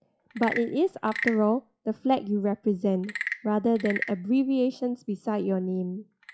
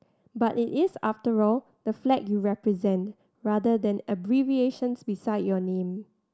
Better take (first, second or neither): second